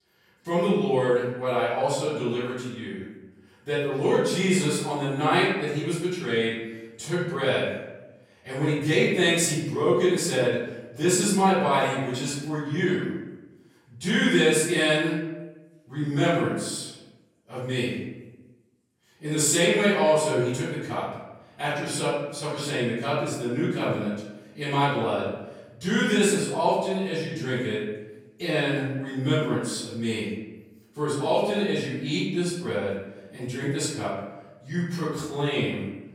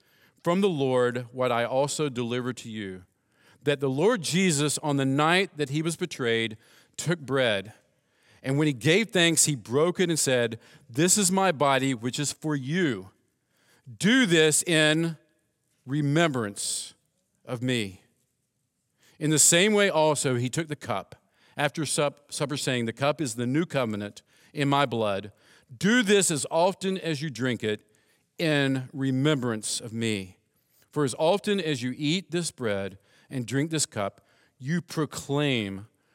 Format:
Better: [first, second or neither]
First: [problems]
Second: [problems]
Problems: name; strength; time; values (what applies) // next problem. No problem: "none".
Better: second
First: off-mic speech; far // room echo; noticeable; dies away in 0.9 s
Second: none